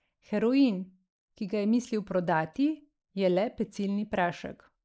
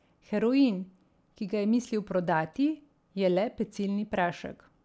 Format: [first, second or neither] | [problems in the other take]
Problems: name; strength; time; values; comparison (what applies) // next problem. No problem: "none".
second | noise reduction (neural mask model Resemble Enhance denoiser)